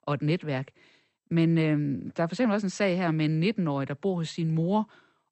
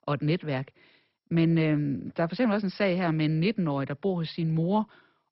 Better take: first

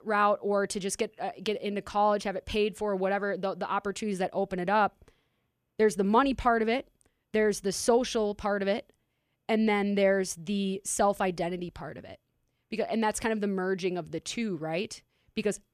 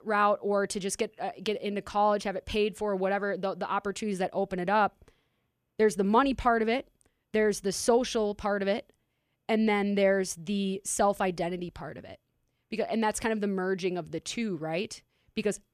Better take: neither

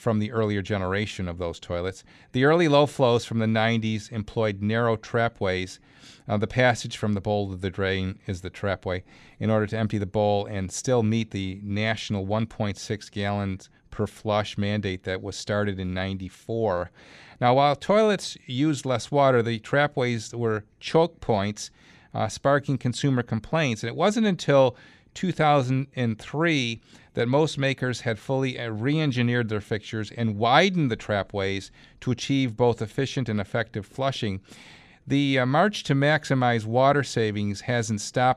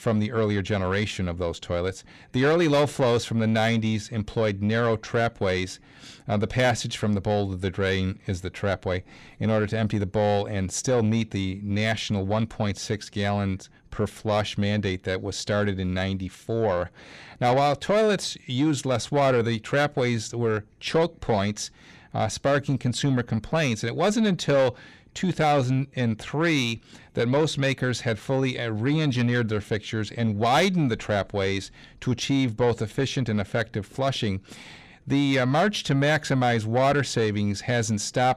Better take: first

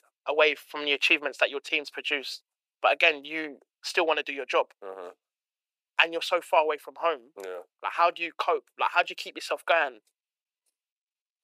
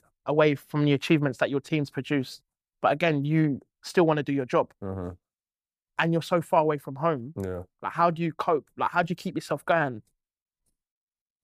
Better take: second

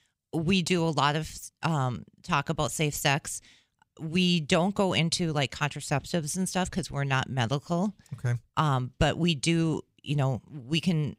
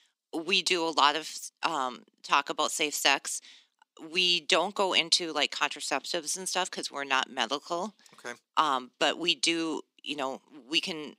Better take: first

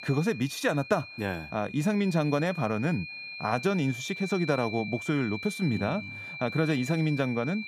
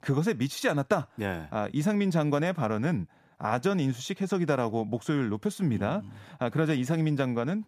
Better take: second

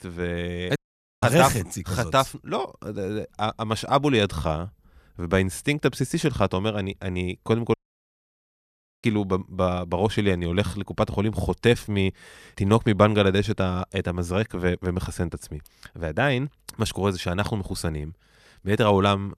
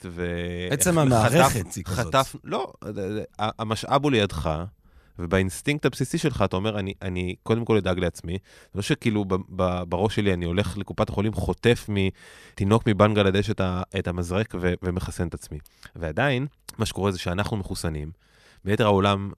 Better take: second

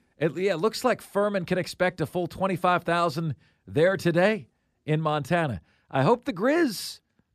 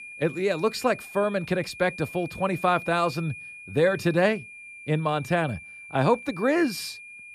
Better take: first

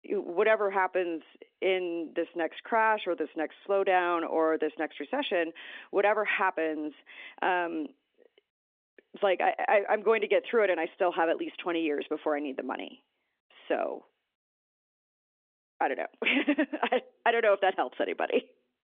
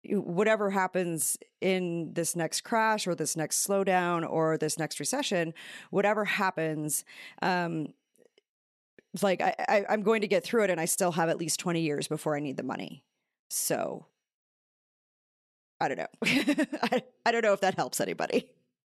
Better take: second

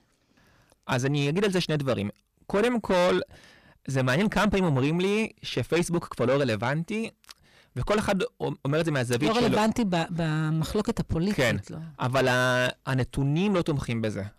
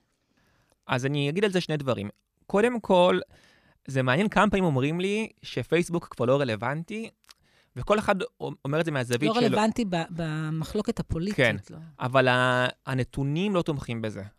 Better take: second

